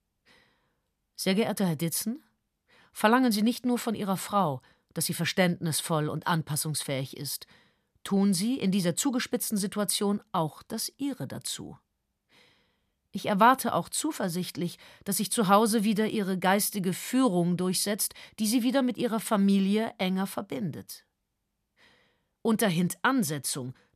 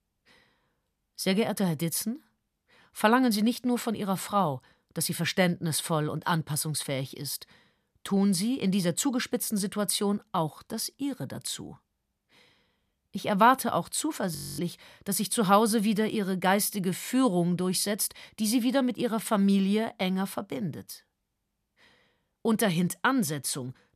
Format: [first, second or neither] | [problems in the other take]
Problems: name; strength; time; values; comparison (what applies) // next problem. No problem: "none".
first | audio freezing; at 14 s